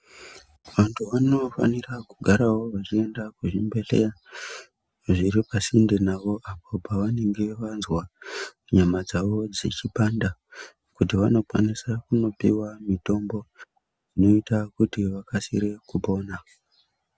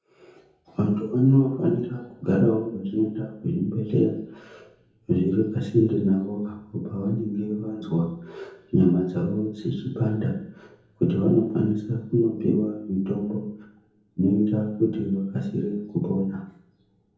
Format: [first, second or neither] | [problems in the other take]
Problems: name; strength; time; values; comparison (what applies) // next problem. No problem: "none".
first | room echo; dies away in 0.7 s